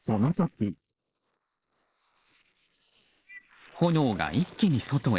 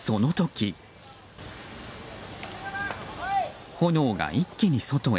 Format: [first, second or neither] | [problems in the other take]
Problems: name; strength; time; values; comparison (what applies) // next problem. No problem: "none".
second | noise reduction (neural mask model Resemble Enhance denoiser)